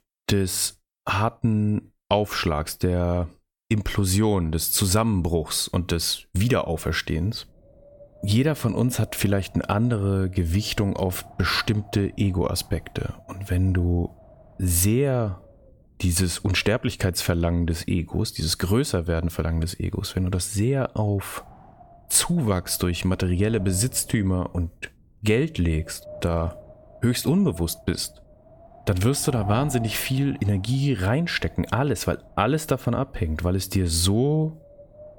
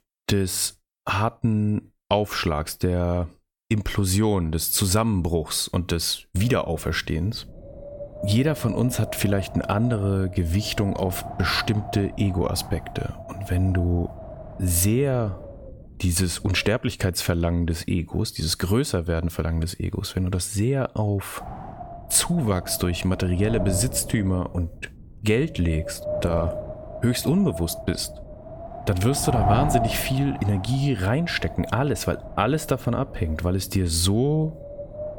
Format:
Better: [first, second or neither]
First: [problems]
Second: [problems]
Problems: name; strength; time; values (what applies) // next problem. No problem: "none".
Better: first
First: wind noise on the microphone; occasional gusts; from 6.5 to 17 s and from 21 s on; 20 dB below the speech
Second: wind noise on the microphone; heavy; from 6.5 to 17 s and from 21 s on; 7 dB below the speech